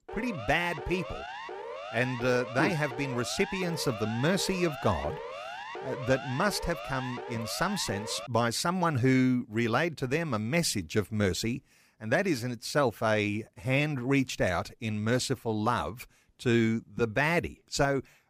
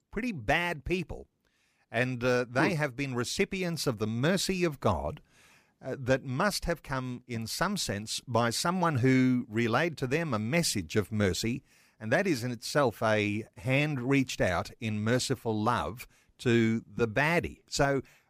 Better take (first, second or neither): second